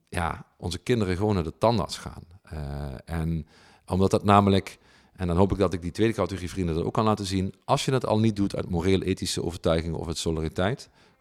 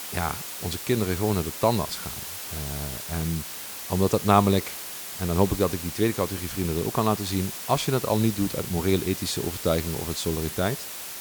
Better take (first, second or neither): first